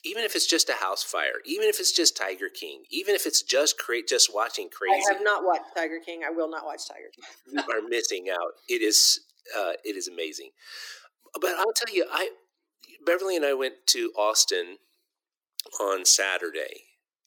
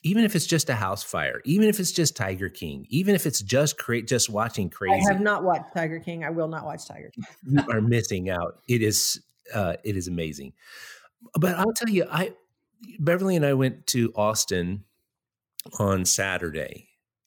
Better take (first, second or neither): second